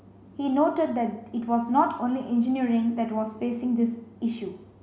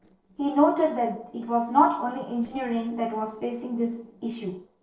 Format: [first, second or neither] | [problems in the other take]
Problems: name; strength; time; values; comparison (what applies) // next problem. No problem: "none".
first | noise reduction (neural separator model SepFormer DNS4)